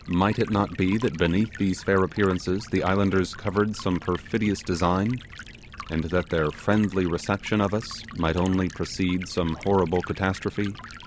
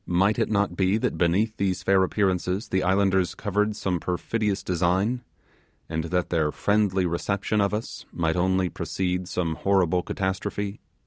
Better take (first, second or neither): second